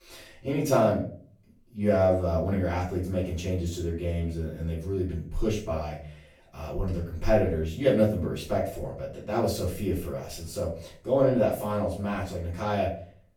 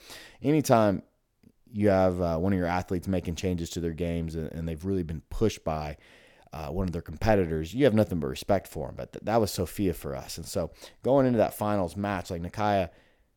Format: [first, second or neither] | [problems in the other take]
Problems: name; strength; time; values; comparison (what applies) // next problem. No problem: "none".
second | off-mic speech; far // room echo; noticeable; dies away in 0.4 s